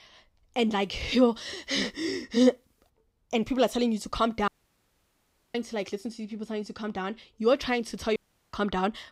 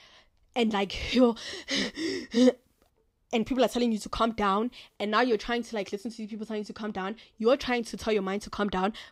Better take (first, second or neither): second